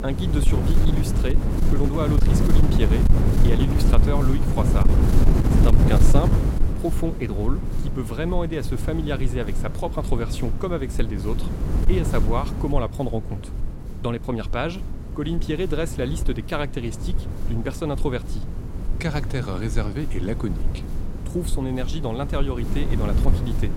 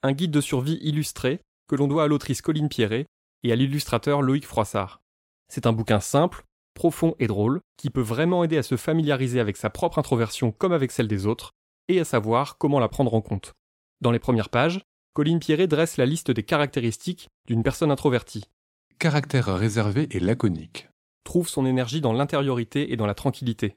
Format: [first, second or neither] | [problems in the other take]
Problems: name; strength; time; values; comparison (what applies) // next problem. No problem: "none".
second | wind noise on the microphone; heavy; 4 dB below the speech